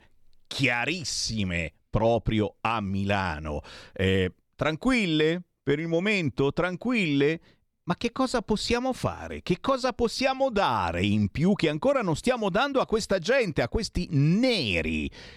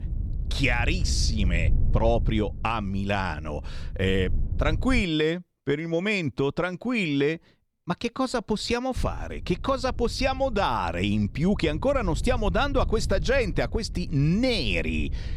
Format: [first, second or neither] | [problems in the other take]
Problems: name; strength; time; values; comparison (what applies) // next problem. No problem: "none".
first | wind noise on the microphone; occasional gusts; until 5 s and from 9 s on; 20 dB below the speech